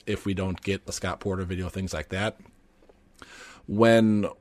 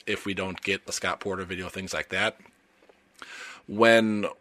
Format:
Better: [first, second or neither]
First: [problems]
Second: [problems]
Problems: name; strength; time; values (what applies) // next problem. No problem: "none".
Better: first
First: none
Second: thin; very slightly; fading below 400 Hz